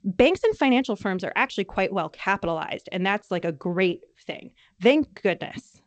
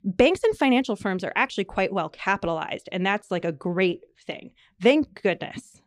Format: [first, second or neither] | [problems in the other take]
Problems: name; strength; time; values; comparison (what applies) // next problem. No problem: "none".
second | garbled, watery; slightly; nothing above 7.5 kHz